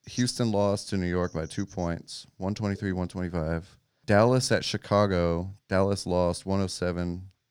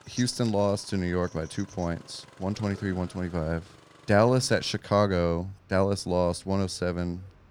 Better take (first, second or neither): first